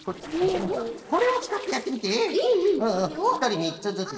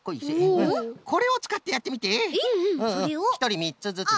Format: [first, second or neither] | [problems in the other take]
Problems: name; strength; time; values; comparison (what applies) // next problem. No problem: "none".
second | noise reduction (neural separator model SepFormer DNS4)